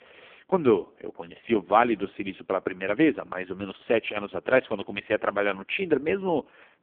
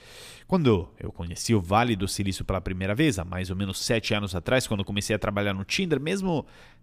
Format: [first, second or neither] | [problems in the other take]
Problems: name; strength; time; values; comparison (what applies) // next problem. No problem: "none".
second | phone-call audio; poor line